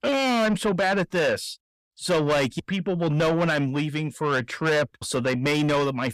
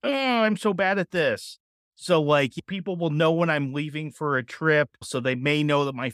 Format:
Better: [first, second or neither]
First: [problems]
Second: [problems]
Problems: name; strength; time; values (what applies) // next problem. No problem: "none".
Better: second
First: distortion; heavy; 8 dB below the speech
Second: none